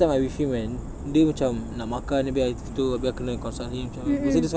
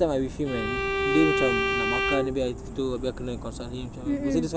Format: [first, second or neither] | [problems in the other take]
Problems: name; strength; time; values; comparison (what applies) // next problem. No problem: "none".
first | background sound (Bowed string instrument); 1 dB below the speech